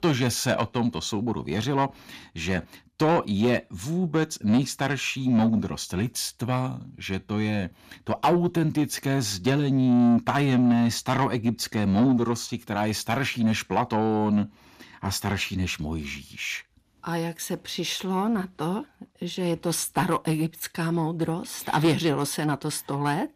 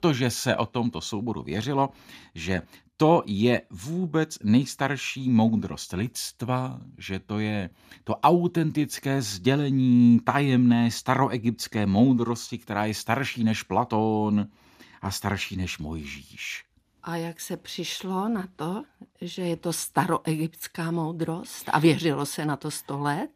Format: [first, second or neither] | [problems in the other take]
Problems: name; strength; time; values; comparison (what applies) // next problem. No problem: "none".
second | distortion; slight; 10 dB below the speech